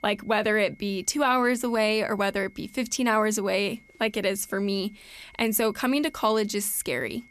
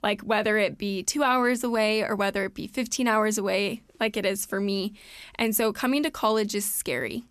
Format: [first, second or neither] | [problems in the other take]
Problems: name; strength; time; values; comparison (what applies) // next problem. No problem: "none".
second | high-pitched whine; faint; throughout; 2 kHz, 30 dB below the speech